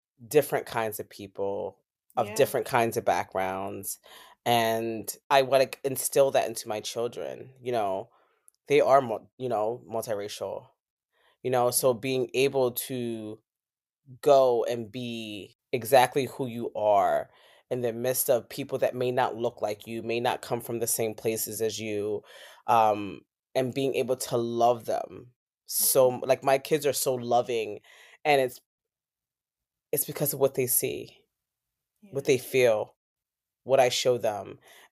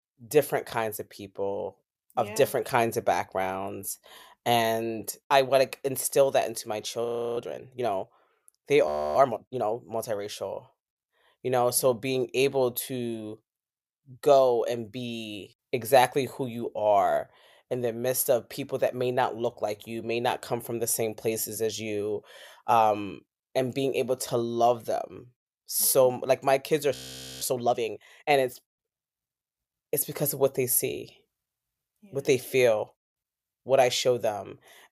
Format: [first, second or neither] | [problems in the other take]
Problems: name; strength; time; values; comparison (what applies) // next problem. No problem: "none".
first | audio freezing; at 7 s, at 9 s and at 27 s